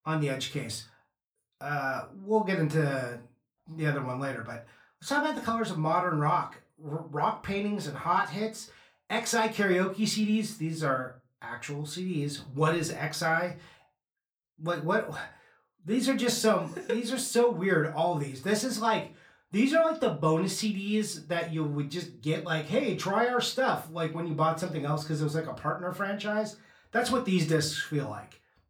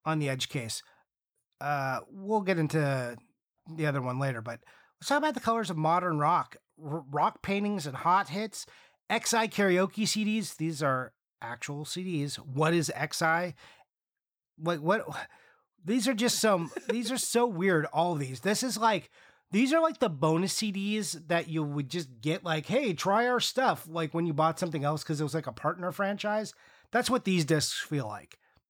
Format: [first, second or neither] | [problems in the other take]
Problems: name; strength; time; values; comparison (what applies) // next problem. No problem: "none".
second | off-mic speech; far // room echo; very slight; dies away in 0.2 s